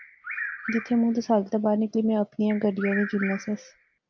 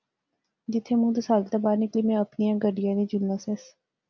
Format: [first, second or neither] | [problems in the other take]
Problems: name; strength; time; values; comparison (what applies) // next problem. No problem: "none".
second | background sound (Bird vocalization, bird call, bird song); 12 dB below the speech